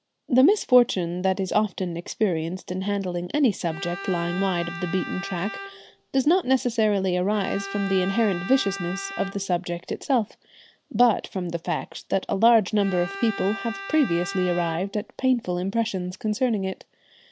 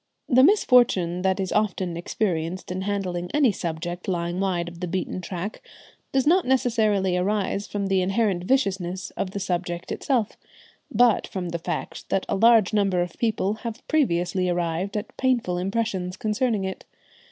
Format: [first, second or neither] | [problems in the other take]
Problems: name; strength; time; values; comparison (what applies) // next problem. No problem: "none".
second | background sound (Bowed string instrument); 12 dB below the speech